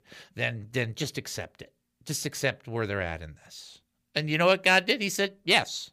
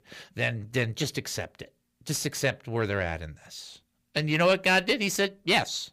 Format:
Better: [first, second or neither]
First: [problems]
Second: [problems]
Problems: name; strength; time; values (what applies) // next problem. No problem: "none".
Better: first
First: none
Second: distortion; slight; 10 dB below the speech